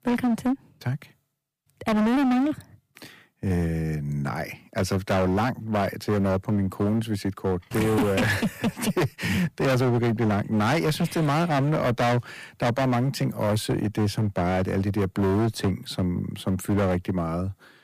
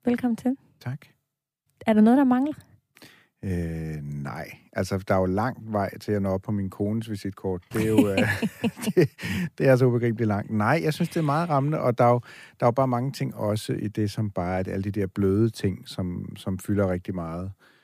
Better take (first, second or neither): second